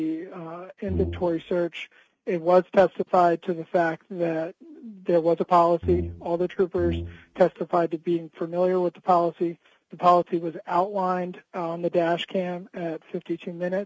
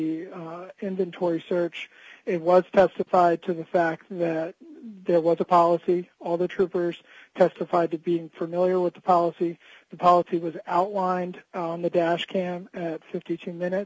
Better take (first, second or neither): second